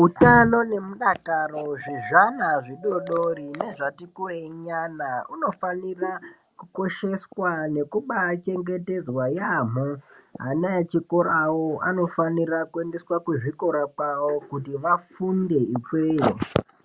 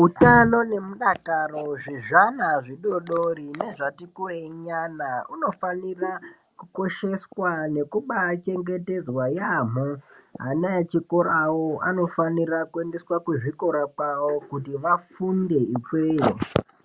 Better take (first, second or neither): second